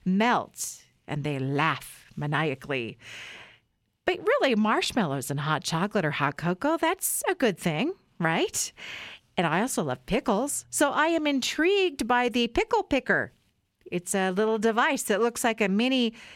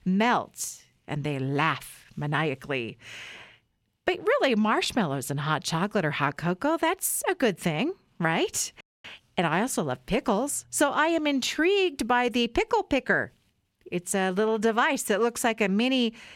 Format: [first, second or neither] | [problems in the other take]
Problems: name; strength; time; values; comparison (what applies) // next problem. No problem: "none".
first | audio cutting out; at 9 s